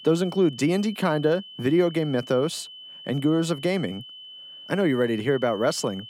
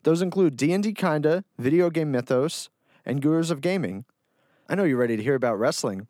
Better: second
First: high-pitched whine; noticeable; throughout; 3 kHz, 15 dB below the speech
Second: none

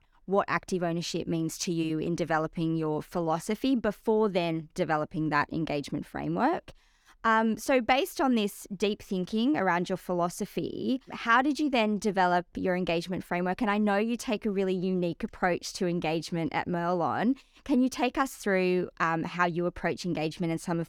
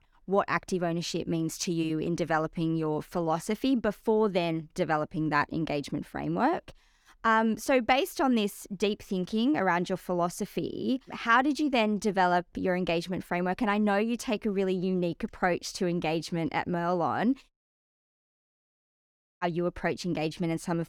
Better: first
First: none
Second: audio cutting out; at 18 s for 2 s

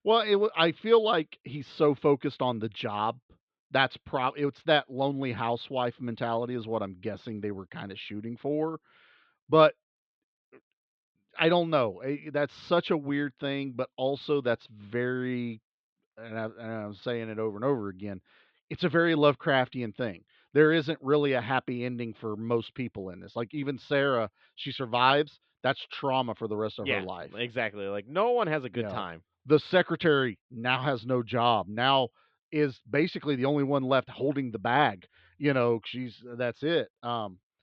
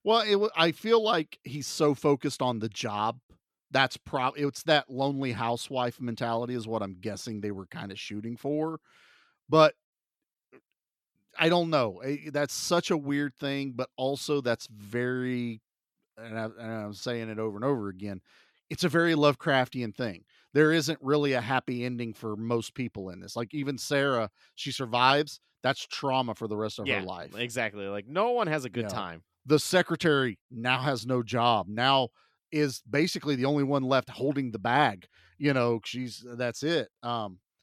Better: second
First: muffled; slightly; fading above 3.5 kHz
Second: none

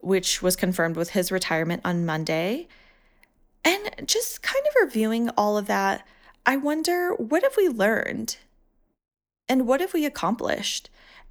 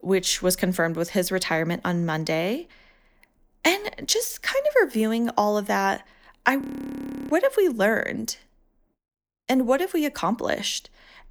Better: first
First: none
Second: audio freezing; at 6.5 s for 0.5 s

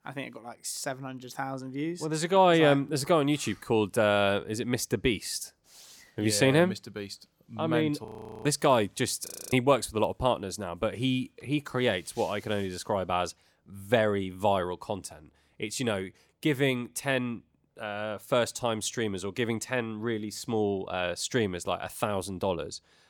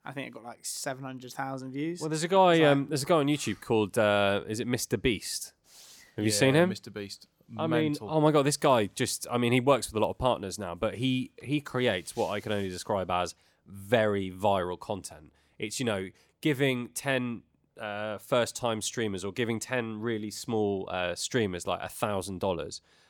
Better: second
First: audio freezing; at 8 s and at 9.5 s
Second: none

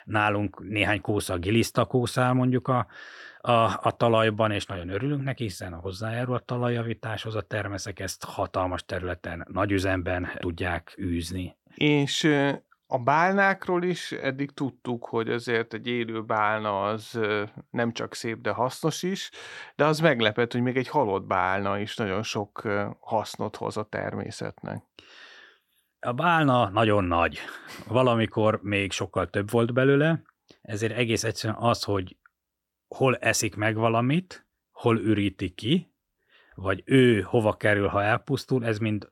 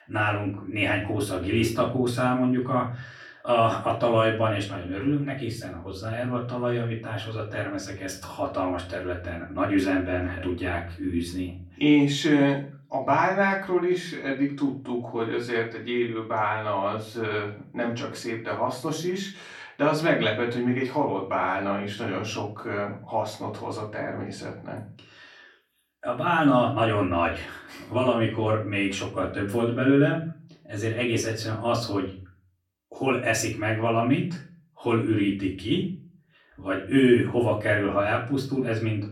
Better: first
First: none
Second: room echo; slight; dies away in 0.4 s // off-mic speech; far

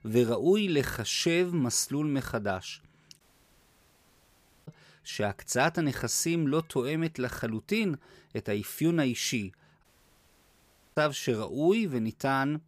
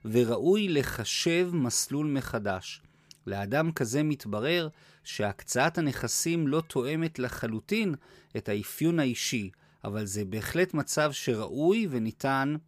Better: second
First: audio cutting out; at 3 s for 1.5 s and at 10 s for 1 s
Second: none

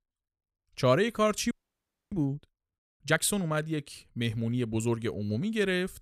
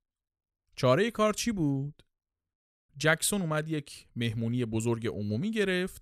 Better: second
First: audio freezing; at 1.5 s for 0.5 s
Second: none

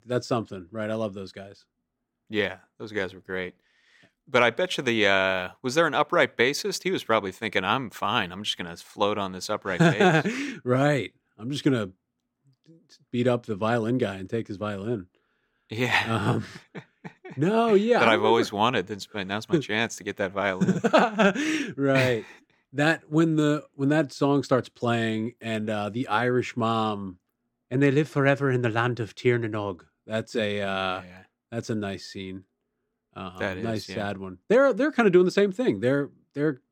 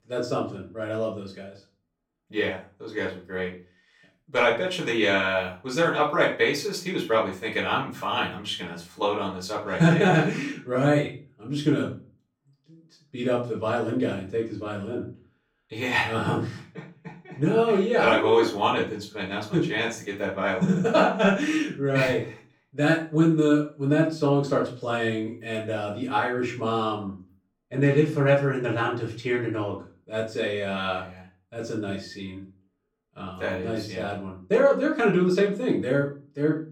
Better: first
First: none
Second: off-mic speech; far // room echo; slight; dies away in 0.3 s

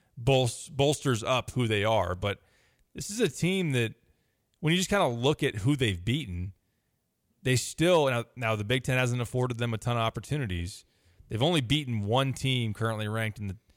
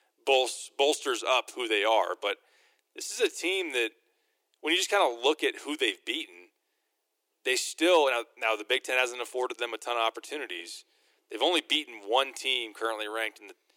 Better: first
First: none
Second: thin; very; fading below 300 Hz

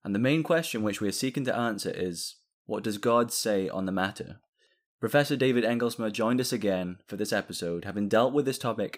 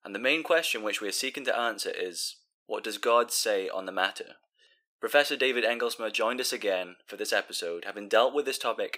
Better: first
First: none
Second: thin; somewhat; fading below 400 Hz

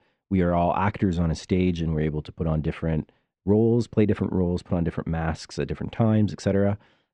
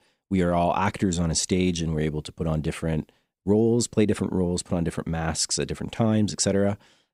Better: second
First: muffled; slightly; fading above 2.5 kHz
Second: none

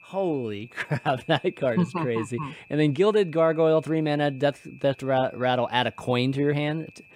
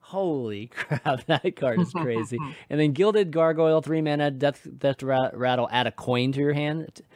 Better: second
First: high-pitched whine; faint; throughout; 2.5 kHz, 25 dB below the speech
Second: none

